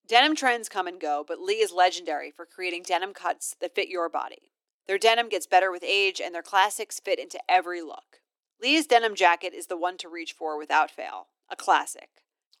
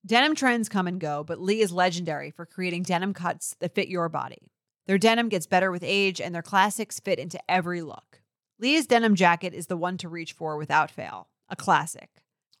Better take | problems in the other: second | thin; very; fading below 300 Hz

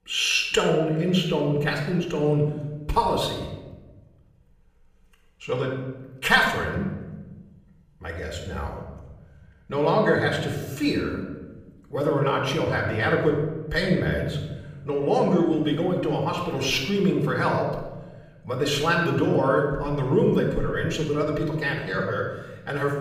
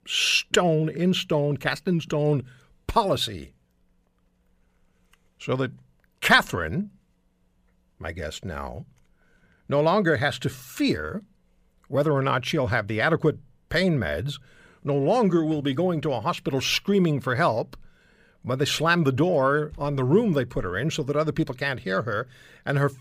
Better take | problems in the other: second | off-mic speech; far // room echo; noticeable; dies away in 1 s

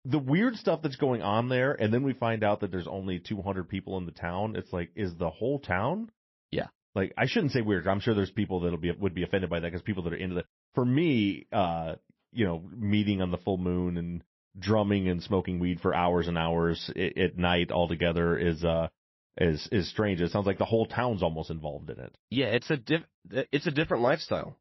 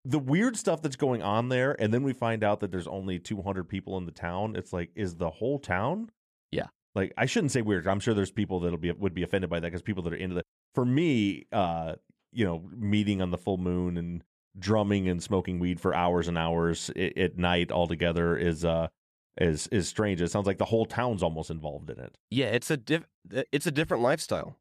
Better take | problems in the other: second | garbled, watery; slightly; nothing above 5.5 kHz

